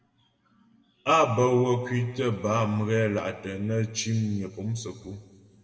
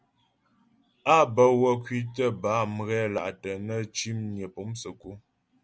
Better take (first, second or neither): second